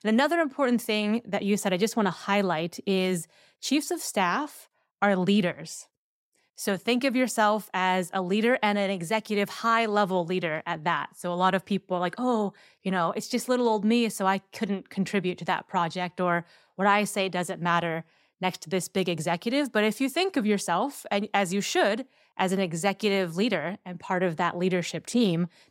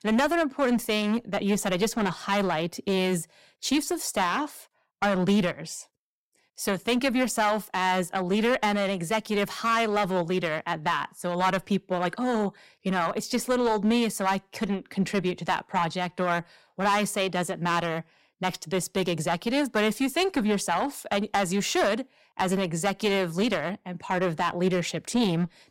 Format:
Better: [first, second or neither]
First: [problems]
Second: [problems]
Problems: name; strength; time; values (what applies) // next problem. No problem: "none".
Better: first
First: none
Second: distortion; slight; 7% of the sound clipped